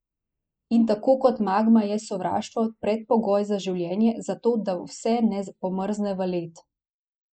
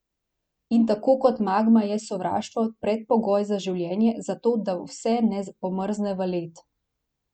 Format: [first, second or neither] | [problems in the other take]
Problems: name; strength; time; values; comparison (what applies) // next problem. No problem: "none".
second | noise reduction (neural mask model Resemble Enhance denoiser)